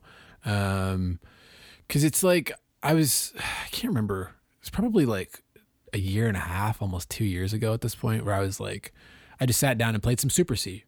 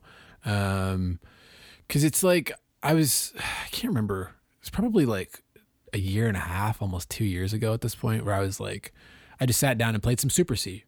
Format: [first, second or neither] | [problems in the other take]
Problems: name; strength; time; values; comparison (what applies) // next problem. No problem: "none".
neither | none